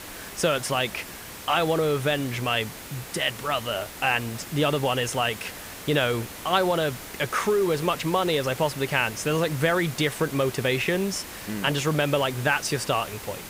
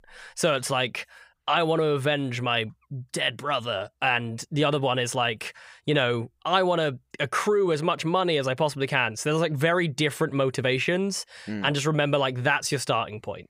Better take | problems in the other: second | hiss; noticeable; throughout; 10 dB below the speech

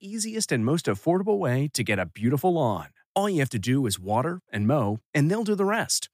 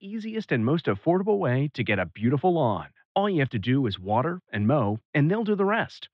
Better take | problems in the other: first | muffled; very; fading above 3.5 kHz

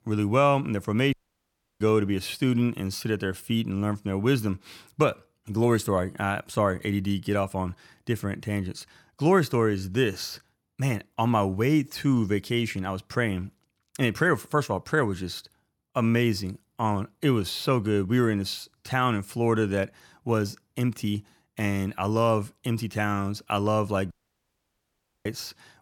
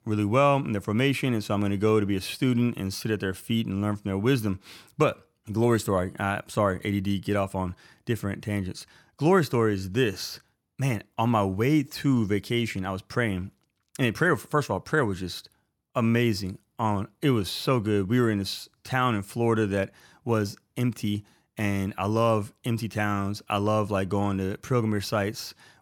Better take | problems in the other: second | audio cutting out; at 1 s for 0.5 s and at 24 s for 1 s

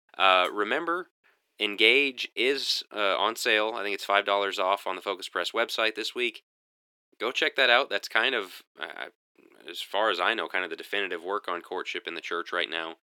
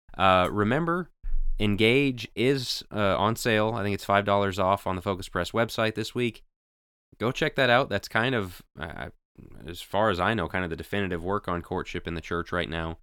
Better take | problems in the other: second | thin; somewhat; fading below 350 Hz

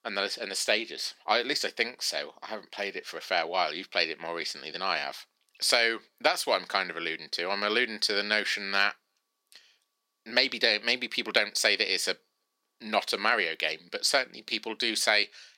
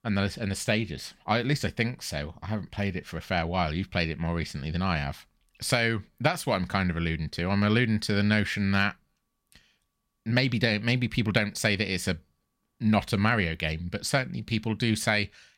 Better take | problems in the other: second | thin; very; fading below 350 Hz

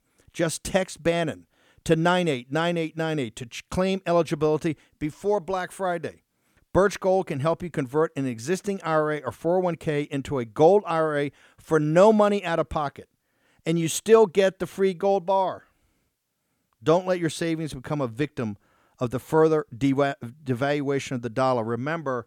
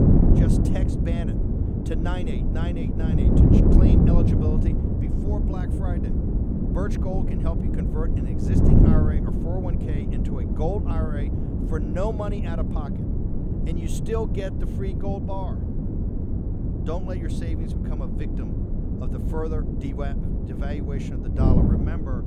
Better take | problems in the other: first | wind noise on the microphone; heavy; 2 dB above the speech

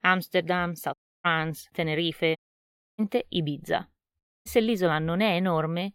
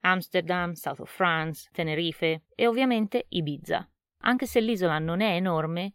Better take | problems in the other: second | audio cutting out; at 1 s, at 2.5 s for 0.5 s and at 4 s

